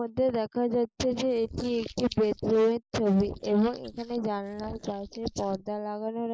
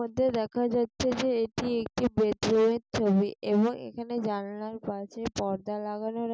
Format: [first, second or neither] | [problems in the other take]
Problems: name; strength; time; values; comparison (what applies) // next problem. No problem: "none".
second | noise reduction (neural mask model Resemble Enhance denoiser)